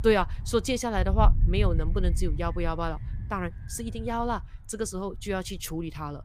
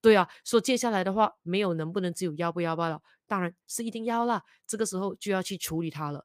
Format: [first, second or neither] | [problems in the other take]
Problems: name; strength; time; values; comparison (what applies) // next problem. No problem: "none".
second | wind noise on the microphone; occasional gusts; 15 dB below the speech